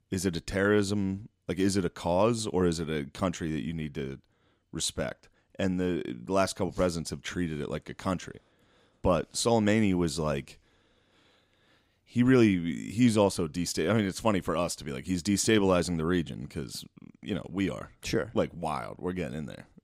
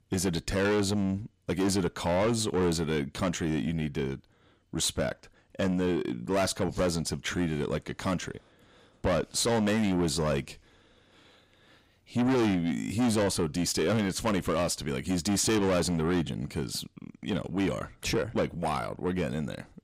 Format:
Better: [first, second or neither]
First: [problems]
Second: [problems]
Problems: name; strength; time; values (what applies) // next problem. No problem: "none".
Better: first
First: none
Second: distortion; heavy; 7 dB below the speech